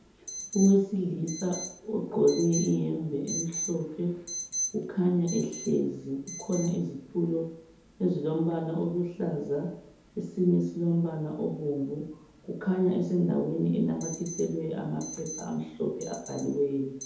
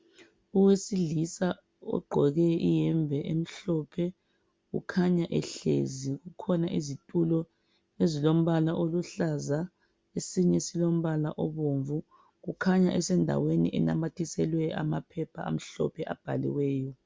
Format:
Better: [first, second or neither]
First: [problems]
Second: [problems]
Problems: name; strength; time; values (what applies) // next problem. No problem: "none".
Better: second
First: background sound (Alarm); 14 dB below the speech // room echo; dies away in 2 s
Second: none